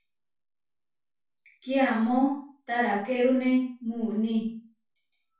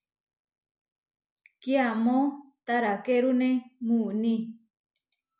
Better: second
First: room echo; dies away in 0.3 s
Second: none

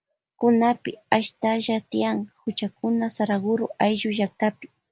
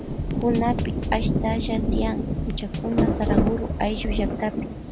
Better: first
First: none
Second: background sound (Drum kit + Rain); 3 dB above the speech

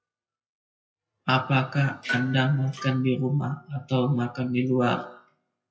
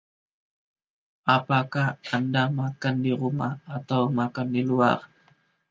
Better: second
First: noise reduction (classical method WPE with log-MMSE)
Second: none

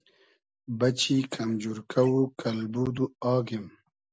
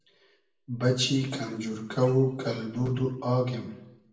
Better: first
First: none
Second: room echo; dies away in 0.7 s

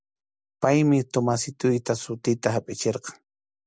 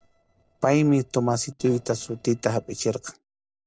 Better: first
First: none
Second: noise reduction (neural separator model SepFormer DNS4)

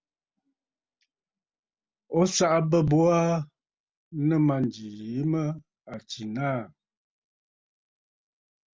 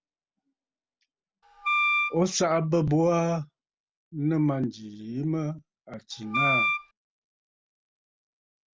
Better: first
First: none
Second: background sound (Wind instrument, woodwind instrument); 4 dB above the speech

